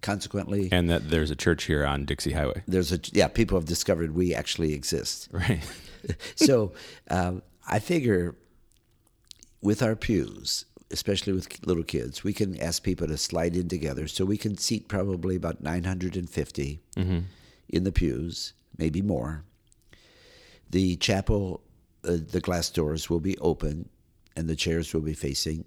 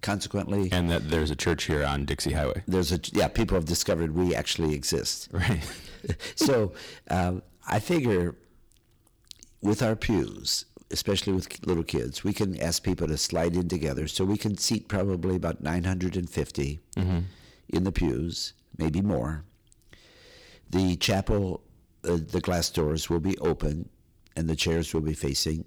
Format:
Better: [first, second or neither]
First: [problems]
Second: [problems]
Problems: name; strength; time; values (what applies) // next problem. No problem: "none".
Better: first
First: none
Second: distortion; slight; 5% of the sound clipped